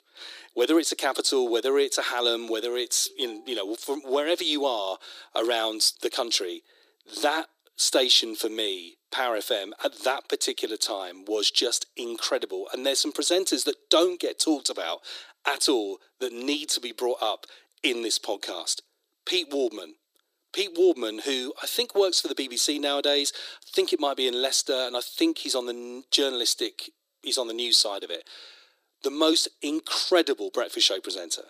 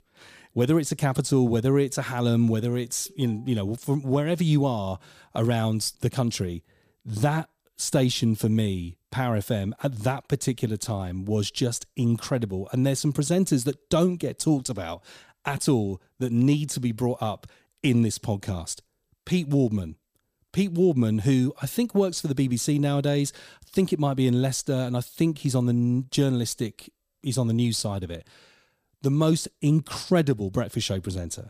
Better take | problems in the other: second | thin; very; fading below 300 Hz

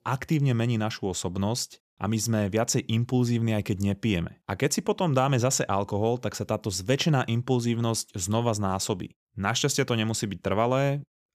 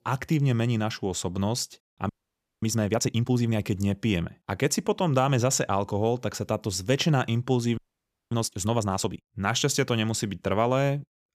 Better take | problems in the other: first | audio freezing; at 2 s for 0.5 s and at 8 s for 0.5 s

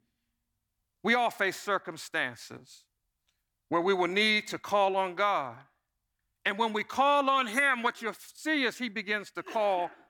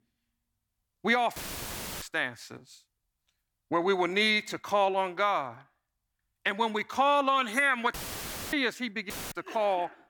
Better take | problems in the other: first | audio cutting out; filled with static; at 1.5 s for 0.5 s, at 8 s for 0.5 s and at 9 s

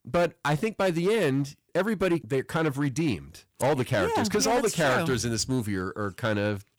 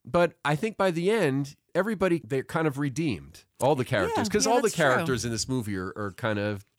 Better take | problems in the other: second | distortion; slight; 9% of the sound clipped

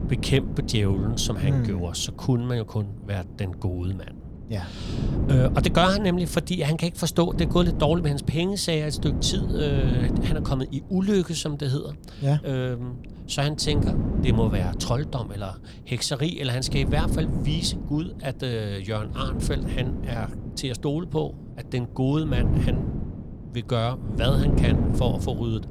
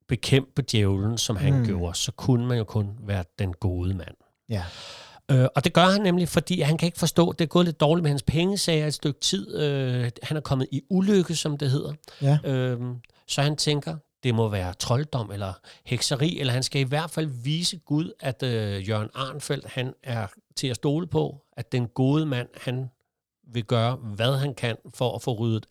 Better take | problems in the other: second | wind noise on the microphone; heavy; 7 dB below the speech

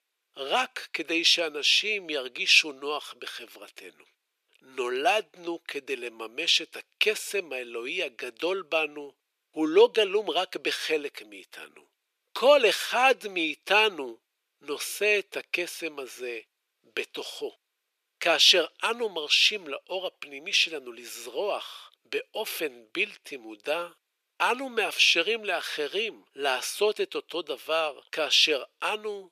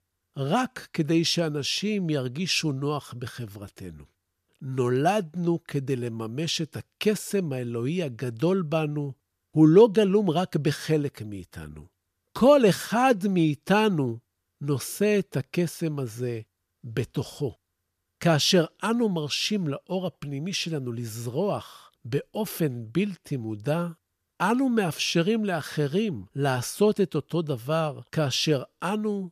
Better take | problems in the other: second | thin; very; fading below 400 Hz

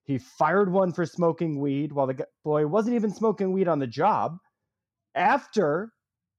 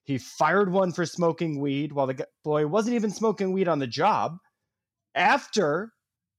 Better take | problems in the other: second | muffled; slightly; fading above 2 kHz

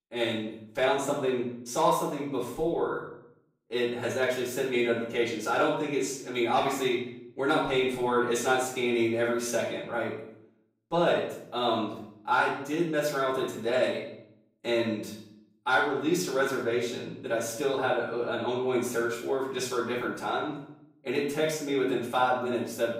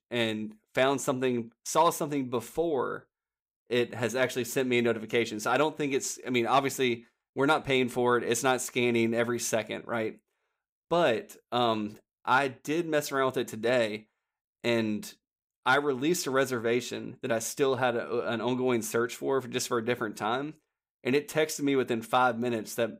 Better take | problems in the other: second | off-mic speech; far // room echo; noticeable; dies away in 0.6 s

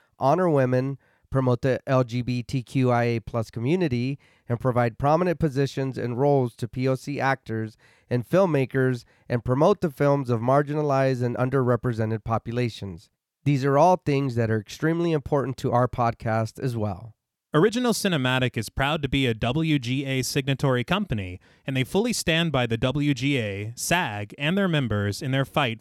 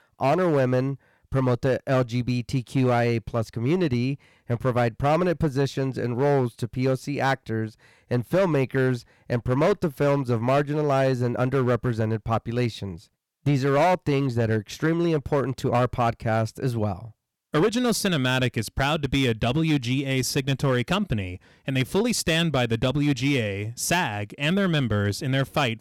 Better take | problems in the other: first | distortion; slight; 6% of the sound clipped

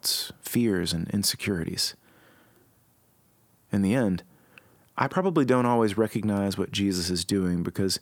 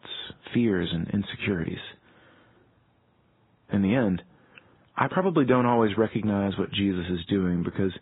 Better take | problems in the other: first | garbled, watery; badly; nothing above 4 kHz

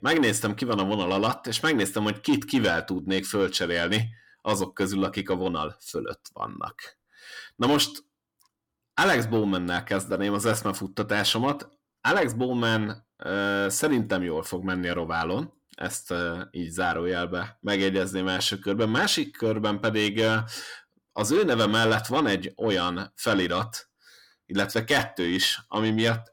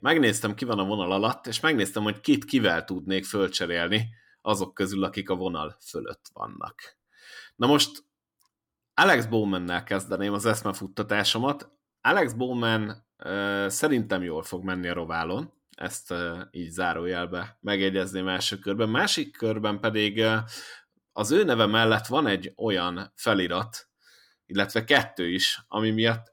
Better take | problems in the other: second | distortion; slight; 10 dB below the speech

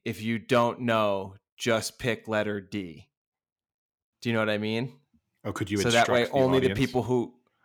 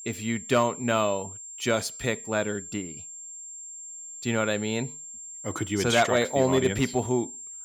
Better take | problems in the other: first | high-pitched whine; noticeable; throughout; 7.5 kHz, 10 dB below the speech

